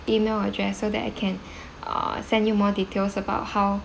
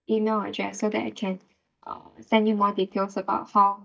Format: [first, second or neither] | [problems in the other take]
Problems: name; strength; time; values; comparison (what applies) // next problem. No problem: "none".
first | noise reduction (neural mask model DeepFilterNet 3)